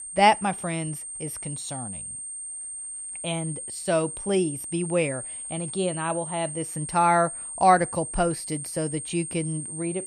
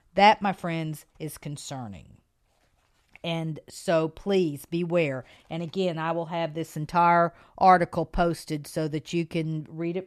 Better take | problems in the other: second | high-pitched whine; loud; throughout; 8.5 kHz, 7 dB below the speech

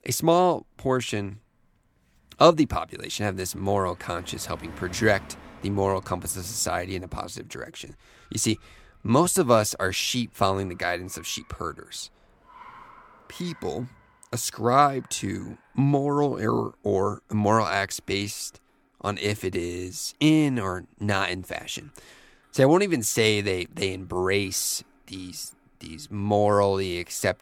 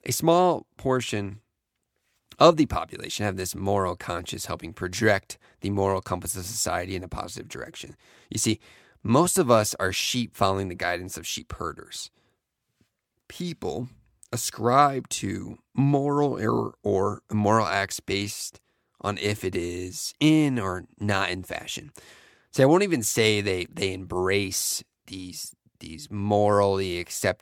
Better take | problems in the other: second | traffic noise; faint; throughout; 25 dB below the speech

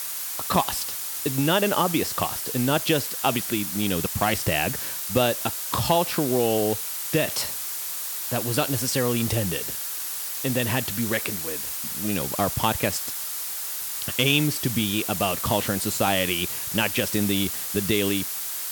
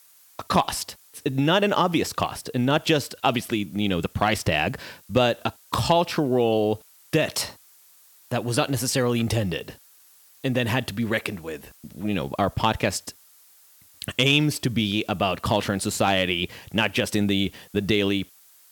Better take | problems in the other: second | hiss; loud; throughout; 2 dB below the speech; faint in the second

